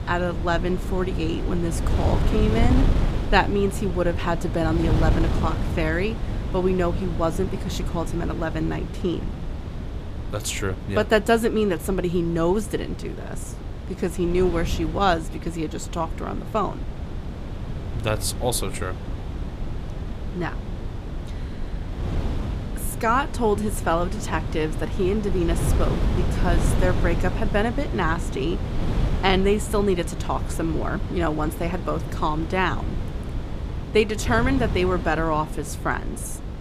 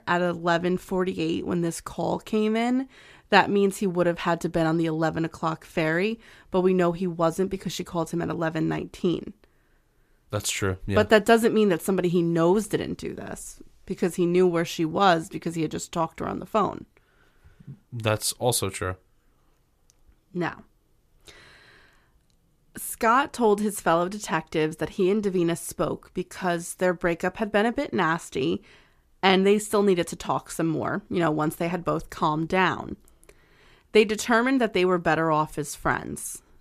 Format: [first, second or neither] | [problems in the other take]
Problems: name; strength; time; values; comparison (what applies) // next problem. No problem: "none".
second | wind noise on the microphone; occasional gusts; 10 dB below the speech